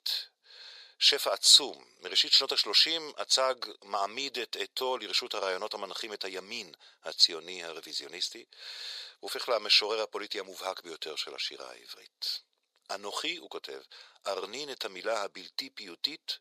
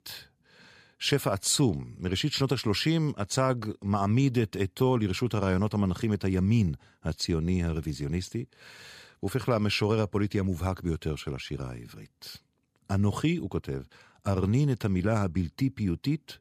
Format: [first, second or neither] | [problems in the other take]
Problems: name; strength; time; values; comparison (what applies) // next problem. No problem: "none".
second | thin; very; fading below 500 Hz